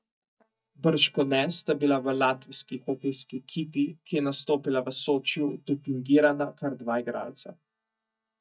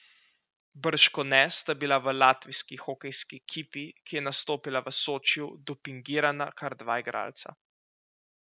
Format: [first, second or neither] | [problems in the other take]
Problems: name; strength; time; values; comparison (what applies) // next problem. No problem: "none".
second | noise reduction (neural mask model DeepFilterNet 3)